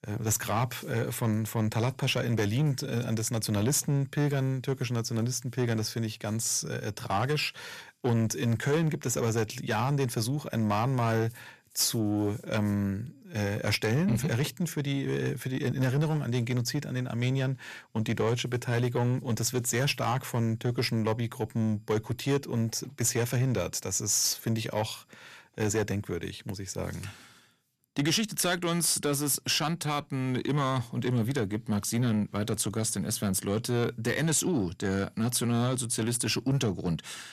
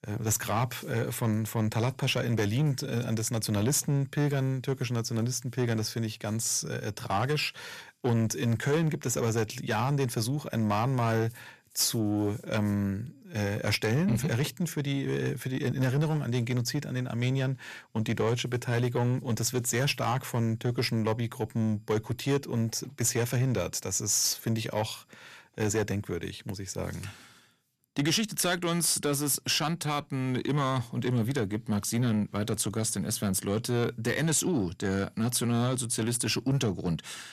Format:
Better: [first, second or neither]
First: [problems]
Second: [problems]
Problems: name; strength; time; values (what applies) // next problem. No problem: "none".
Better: neither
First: distortion; slight; 10 dB below the speech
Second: distortion; slight; 10 dB below the speech